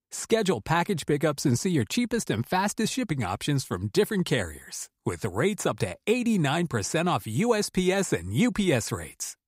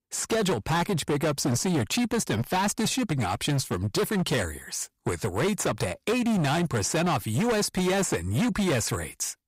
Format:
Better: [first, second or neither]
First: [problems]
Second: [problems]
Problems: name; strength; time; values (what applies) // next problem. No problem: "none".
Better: first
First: none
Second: distortion; heavy; 21% of the sound clipped